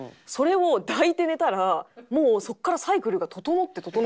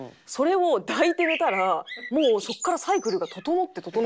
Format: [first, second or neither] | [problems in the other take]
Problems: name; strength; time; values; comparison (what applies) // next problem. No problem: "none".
first | background sound (Bird); 11 dB below the speech